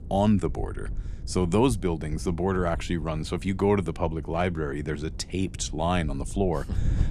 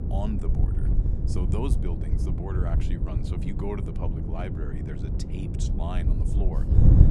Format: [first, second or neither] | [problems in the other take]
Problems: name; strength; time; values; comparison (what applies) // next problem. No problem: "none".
first | wind noise on the microphone; heavy; as loud as the speech; occasional gusts in the first